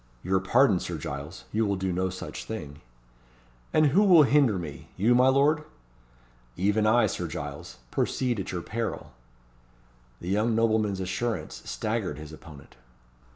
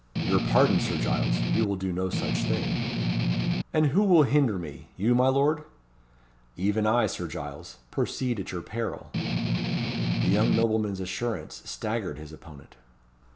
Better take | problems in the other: first | background sound (Strum); 2 dB above the speech

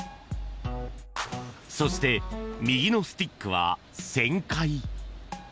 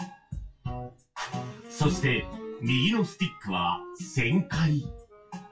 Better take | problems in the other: first | noise reduction (classical method WPE with log-MMSE)

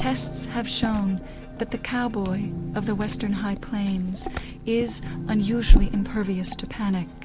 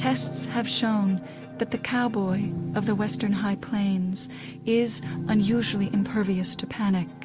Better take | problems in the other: second | background sound (Liquid); 1 dB above the speech

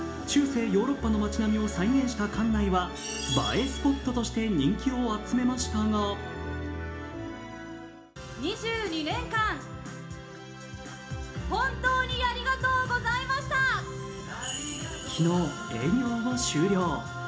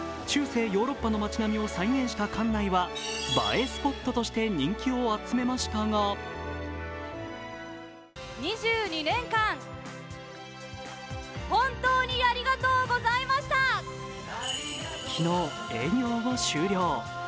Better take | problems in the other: second | room echo; dies away in 0.4 s

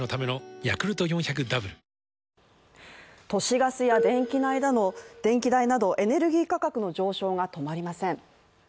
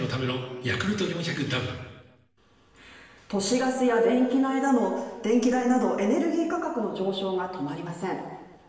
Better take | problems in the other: first | room echo; dies away in 1 s

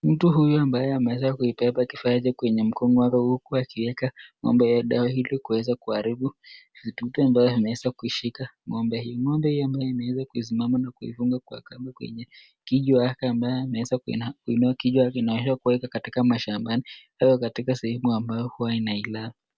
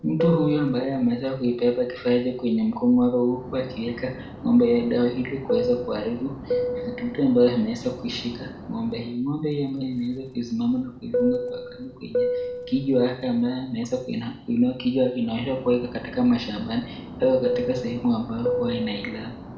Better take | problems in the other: first | background sound (Fixed-wing aircraft, airplane); 7 dB below the speech // room echo; dies away in 0.6 s

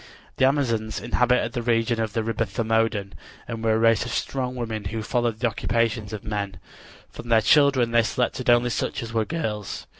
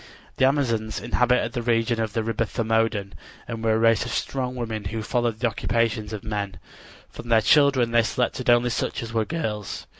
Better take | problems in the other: second | noise reduction (neural separator model SepFormer DNS4)

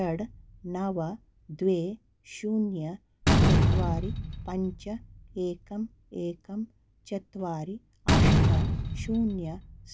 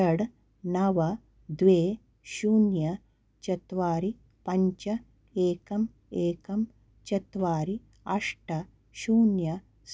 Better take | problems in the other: second | background sound (Slam); 5 dB above the speech

